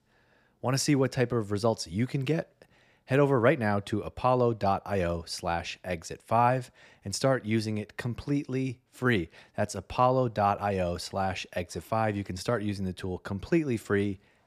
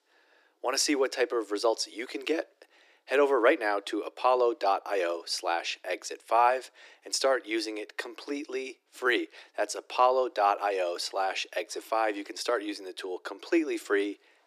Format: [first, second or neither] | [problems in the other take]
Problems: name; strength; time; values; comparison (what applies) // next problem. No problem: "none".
first | thin; very; fading below 300 Hz